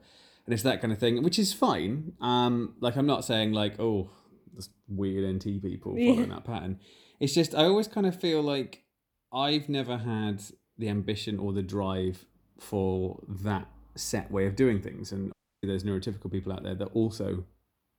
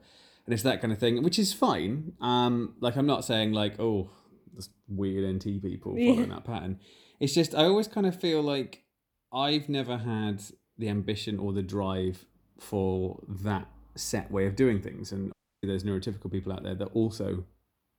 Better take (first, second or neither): neither